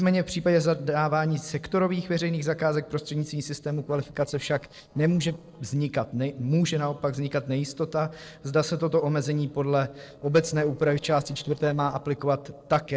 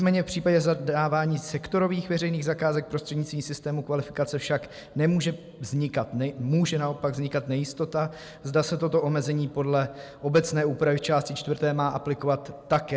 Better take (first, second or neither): second